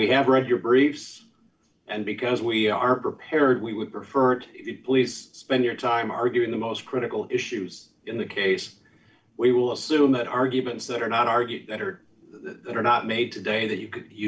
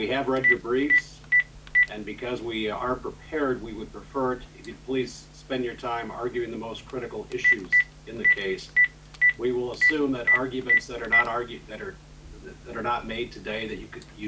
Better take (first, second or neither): first